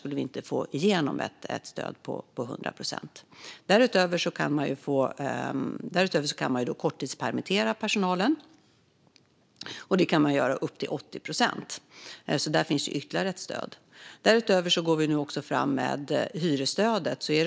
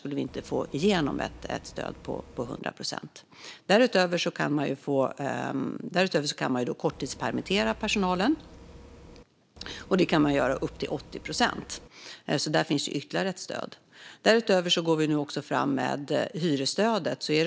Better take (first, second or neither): first